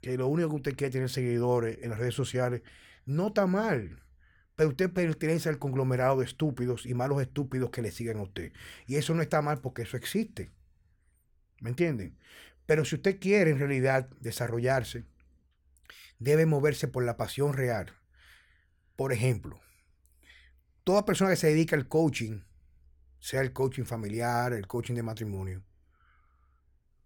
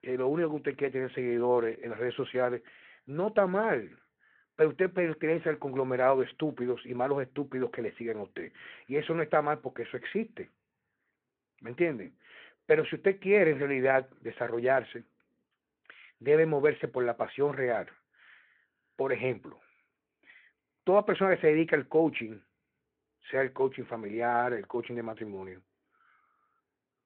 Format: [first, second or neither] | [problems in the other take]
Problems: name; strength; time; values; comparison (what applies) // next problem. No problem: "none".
first | phone-call audio